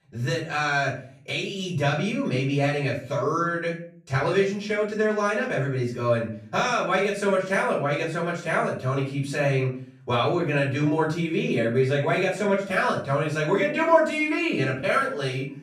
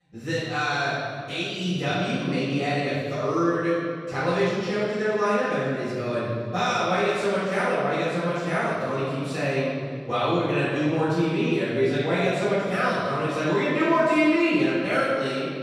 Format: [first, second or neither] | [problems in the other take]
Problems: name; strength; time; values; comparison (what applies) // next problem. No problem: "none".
first | room echo; strong; dies away in 2.1 s; slight in the first // off-mic speech; far; far in the first